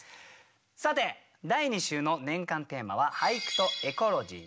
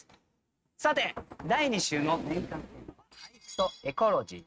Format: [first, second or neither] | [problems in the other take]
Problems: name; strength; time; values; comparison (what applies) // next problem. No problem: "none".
first | noise reduction (neural mask model RNNoise)